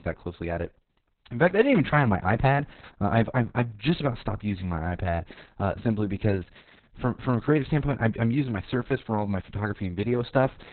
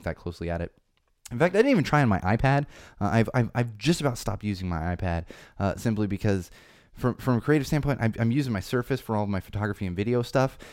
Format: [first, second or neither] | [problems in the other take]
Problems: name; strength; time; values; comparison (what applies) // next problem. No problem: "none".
second | garbled, watery; badly; nothing above 4 kHz